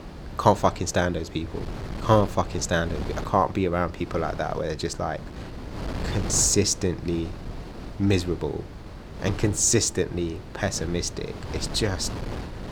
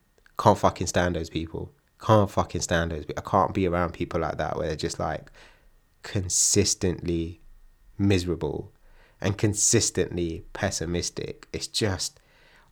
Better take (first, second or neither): second